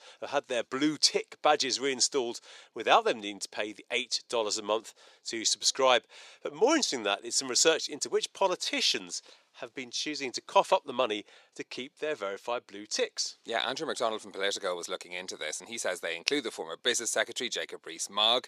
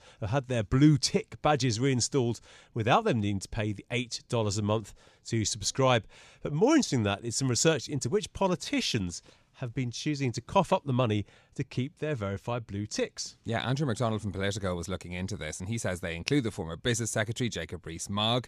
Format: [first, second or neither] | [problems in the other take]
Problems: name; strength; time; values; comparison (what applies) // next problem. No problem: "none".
second | thin; very; fading below 400 Hz